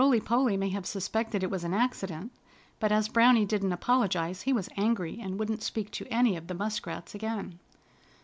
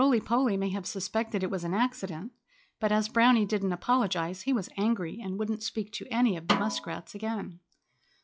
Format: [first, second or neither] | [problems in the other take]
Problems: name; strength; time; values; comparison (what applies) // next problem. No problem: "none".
first | noise reduction (classical method log-MMSE)